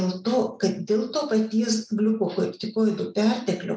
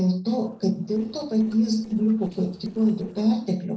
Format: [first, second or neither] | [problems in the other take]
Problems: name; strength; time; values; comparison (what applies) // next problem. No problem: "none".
first | noise reduction (neural separator model SepFormer DNS4)